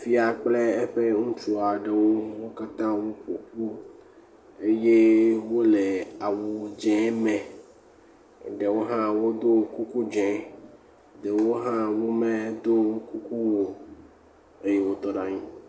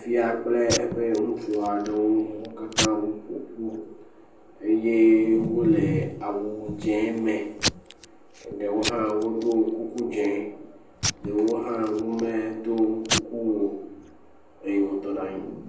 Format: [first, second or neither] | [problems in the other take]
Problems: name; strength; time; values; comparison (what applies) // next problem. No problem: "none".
first | background sound (Packing tape, duct tape / Tearing); 9 dB below the speech // room echo; dies away in 0.6 s